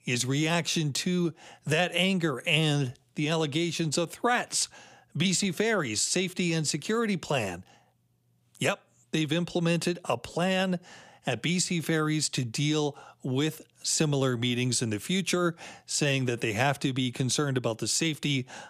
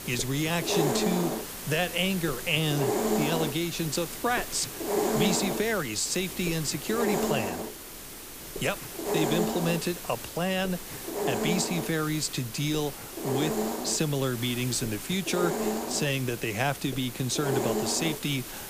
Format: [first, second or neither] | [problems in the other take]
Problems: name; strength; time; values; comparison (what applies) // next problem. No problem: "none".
first | hiss; loud; throughout; 3 dB below the speech